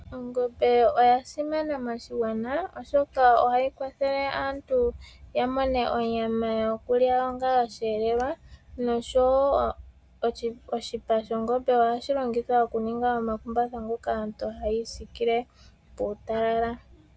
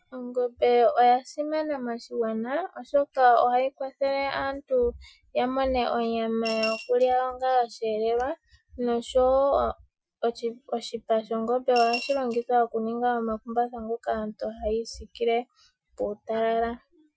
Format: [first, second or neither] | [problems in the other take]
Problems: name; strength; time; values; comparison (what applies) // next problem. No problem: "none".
first | noise reduction (classical method Wiener filter)